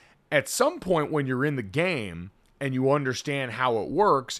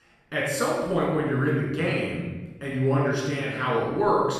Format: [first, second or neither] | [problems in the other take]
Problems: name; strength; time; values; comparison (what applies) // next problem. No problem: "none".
first | off-mic speech; far // room echo; strong; dies away in 1.2 s